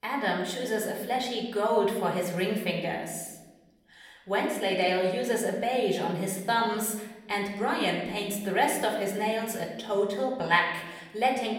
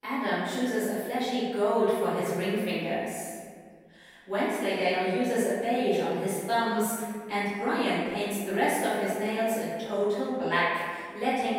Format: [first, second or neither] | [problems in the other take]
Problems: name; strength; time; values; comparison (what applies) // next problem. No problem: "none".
first | room echo; strong; dies away in 1.7 s; slight in the first // off-mic speech; far; somewhat distant in the first